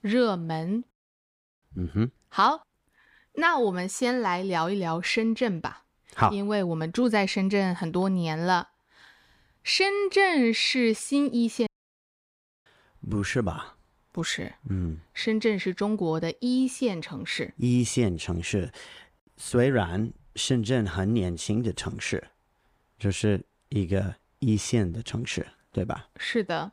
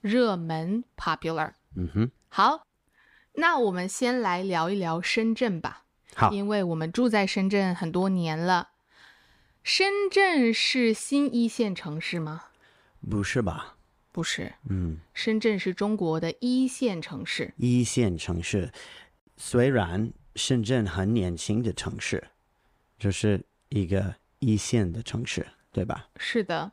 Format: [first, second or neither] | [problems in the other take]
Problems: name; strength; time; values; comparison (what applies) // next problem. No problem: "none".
second | audio cutting out; at 1 s for 0.5 s and at 12 s for 1 s